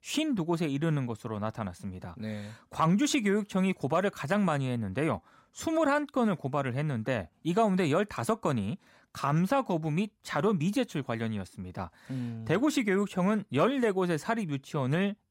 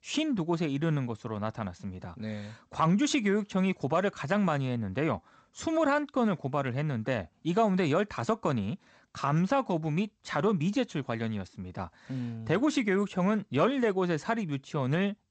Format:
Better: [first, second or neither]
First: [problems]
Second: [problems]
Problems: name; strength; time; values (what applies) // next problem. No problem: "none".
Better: first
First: none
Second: garbled, watery; slightly; nothing above 7.5 kHz